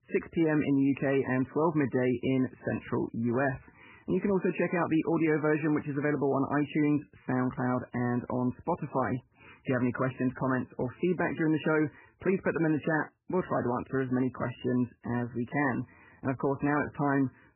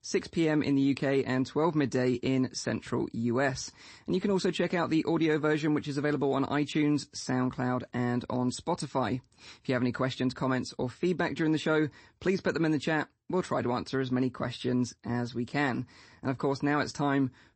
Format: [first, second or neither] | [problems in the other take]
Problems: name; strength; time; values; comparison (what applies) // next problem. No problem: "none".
second | garbled, watery; badly; nothing above 3 kHz; slightly in the second